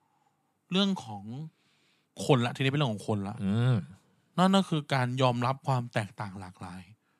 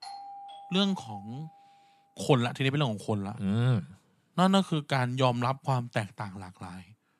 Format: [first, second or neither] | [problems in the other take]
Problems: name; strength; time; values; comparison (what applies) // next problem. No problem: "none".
first | doorbell; faint; until 1.5 s; peak 15 dB below the speech